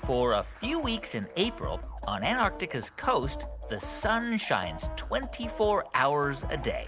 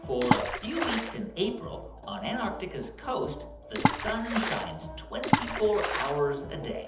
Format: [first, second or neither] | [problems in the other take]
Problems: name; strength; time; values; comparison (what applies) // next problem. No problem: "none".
first | background sound (Water / Splash, splatter); 2 dB above the speech // room echo; dies away in 1.2 s